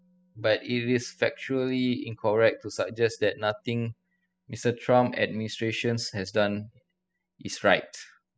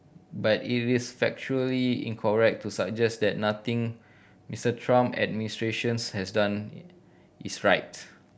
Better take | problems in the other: second | noise reduction (classical method spectral subtraction)

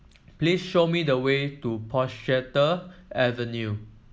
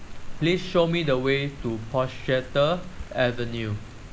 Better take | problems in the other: first | background sound (Rain); 10 dB below the speech

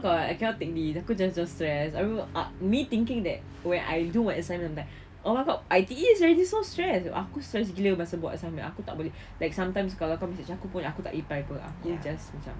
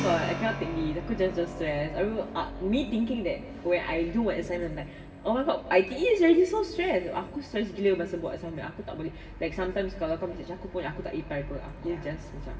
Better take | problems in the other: first | background sound (Keyboard (musical)); 15 dB below the speech // room echo; dies away in 1.6 s

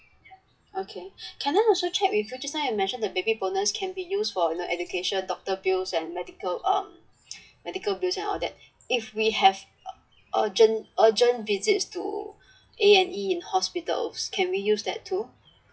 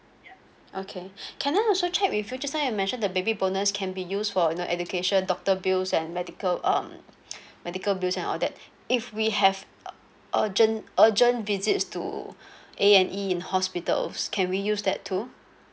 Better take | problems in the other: second | noise reduction (classical method WPE with log-MMSE)

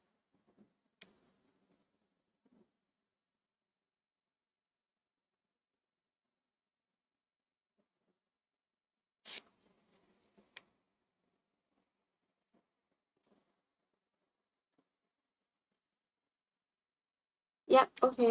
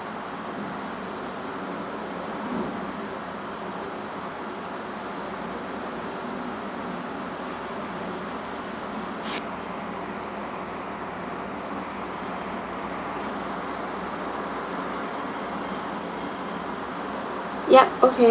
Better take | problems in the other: second | noise reduction (neural mask model RNNoise)

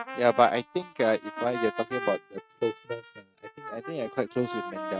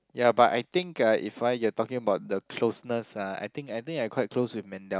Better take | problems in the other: second | noise reduction (neural mask model RNNoise)

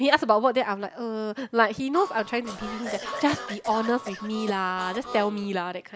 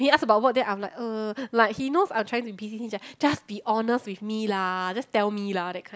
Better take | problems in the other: second | background sound (Harmonica + Cough); 11 dB below the speech

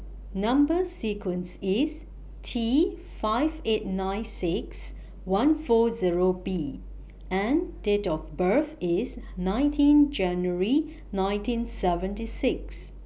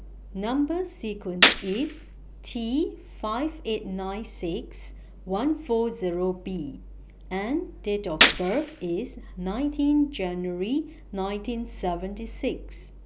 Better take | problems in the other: first | background sound (Gunshot, gunfire); 3 dB above the speech

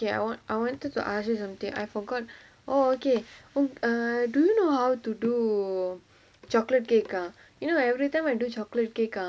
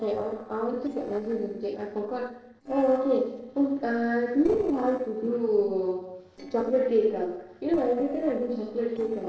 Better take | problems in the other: first | noise reduction (neural separator model SepFormer DNS4)

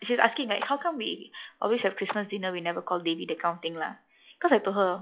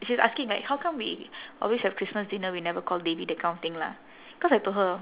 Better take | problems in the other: second | noise reduction (classical method log-MMSE)

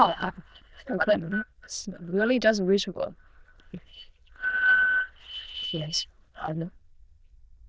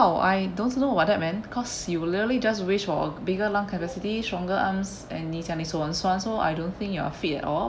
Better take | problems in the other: second | noise reduction (neural diffusion model UNIVERSE++)

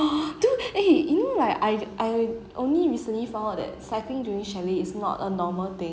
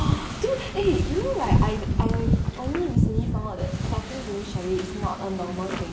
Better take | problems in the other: first | background sound (Wind / Ocean); 3 dB above the speech // room echo; dies away in 0.2 s

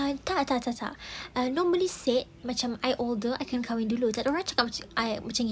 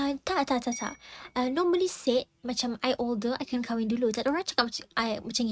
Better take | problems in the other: first | noise reduction (neural mask model RNNoise)

